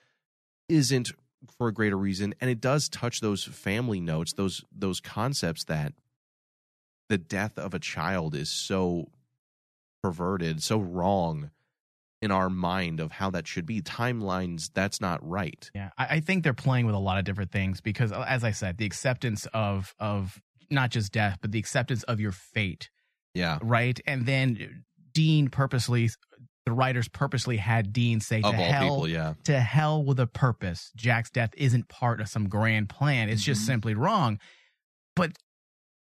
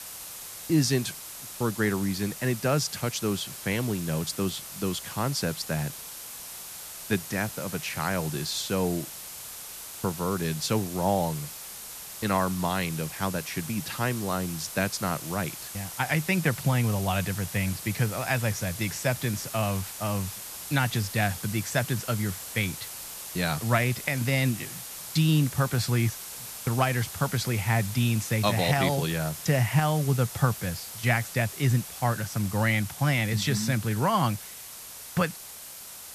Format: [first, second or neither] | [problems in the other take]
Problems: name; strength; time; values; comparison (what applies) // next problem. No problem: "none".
first | hiss; loud; throughout; 9 dB below the speech